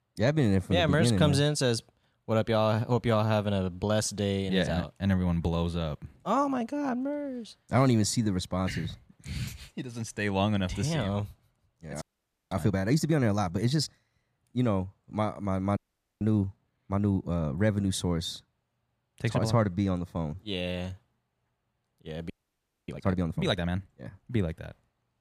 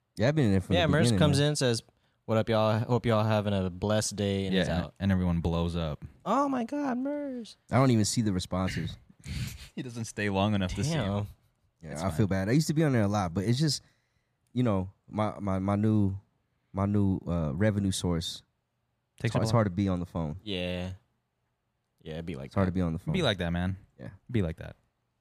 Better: second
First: audio freezing; at 12 s, at 16 s and at 22 s for 0.5 s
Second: none

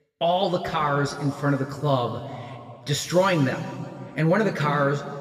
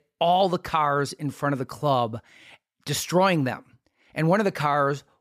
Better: second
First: room echo; slight; dies away in 2 s // off-mic speech; somewhat distant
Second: none

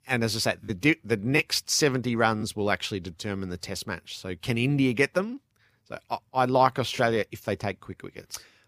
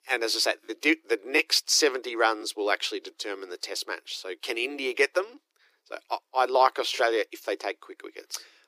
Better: first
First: none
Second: thin; very; fading below 300 Hz

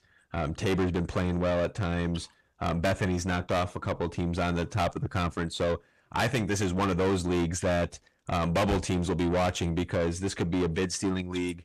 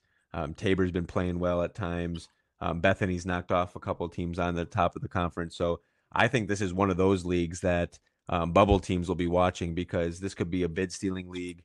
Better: second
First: distortion; heavy; 6 dB below the speech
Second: none

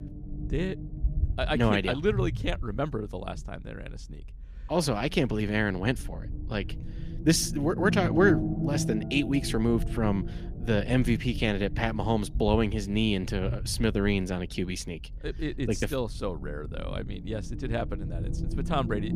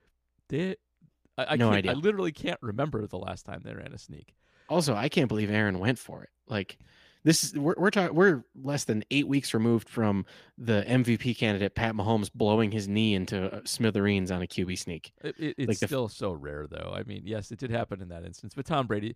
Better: second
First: low rumble; noticeable; throughout; 15 dB below the speech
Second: none

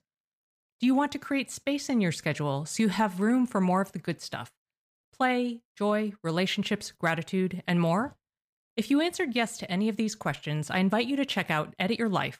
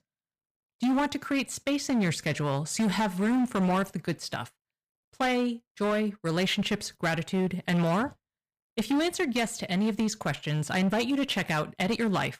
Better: first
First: none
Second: distortion; slight; 13% of the sound clipped

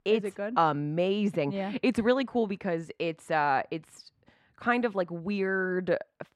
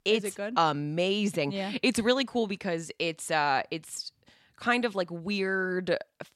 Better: second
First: muffled; slightly; fading above 3 kHz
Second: none

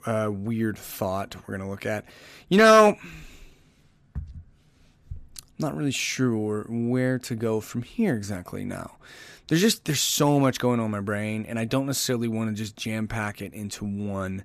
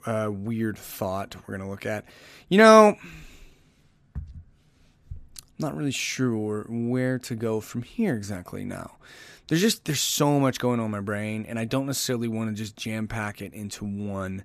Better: second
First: distortion; slight; 0.4% of the sound clipped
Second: none

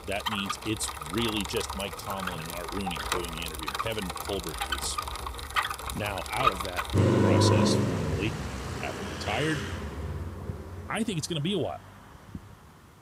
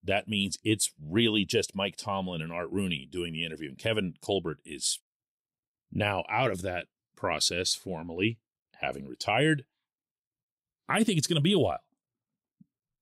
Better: second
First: traffic noise; very loud; throughout; 3 dB above the speech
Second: none

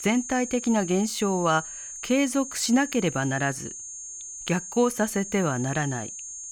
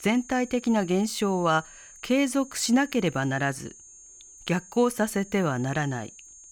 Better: second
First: high-pitched whine; loud; throughout; 6.5 kHz, 10 dB below the speech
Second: high-pitched whine; faint; throughout; 6.5 kHz, 20 dB below the speech

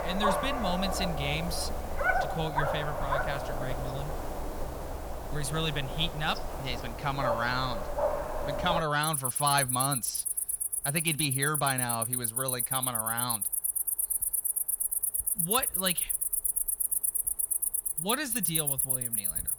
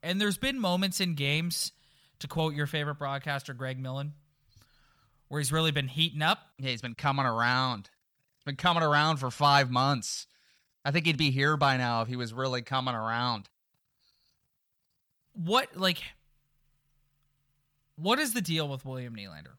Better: second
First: animal sounds; very loud; throughout; 3 dB above the speech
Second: none

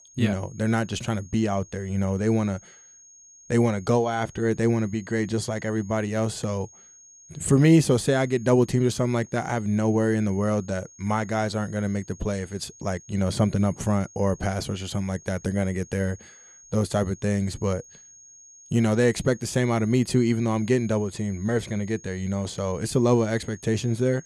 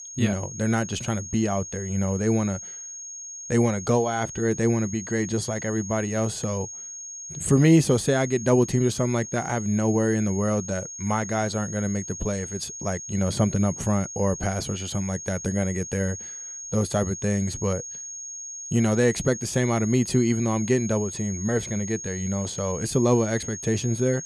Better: first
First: high-pitched whine; faint; throughout; 6.5 kHz, 25 dB below the speech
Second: high-pitched whine; loud; throughout; 6.5 kHz, 10 dB below the speech

